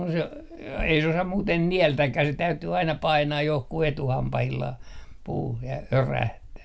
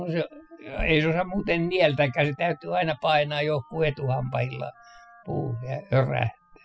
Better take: first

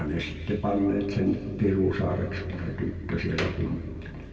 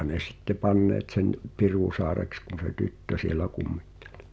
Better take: second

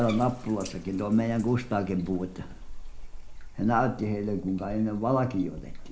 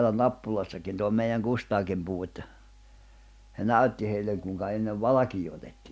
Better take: second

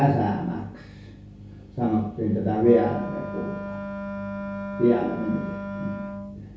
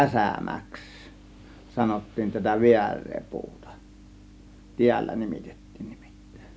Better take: second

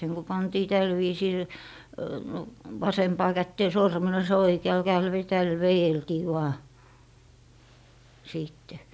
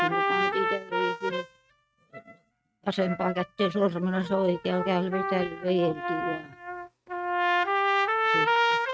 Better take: first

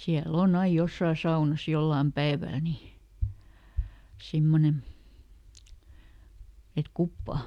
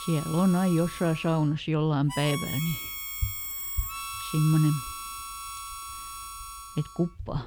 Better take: first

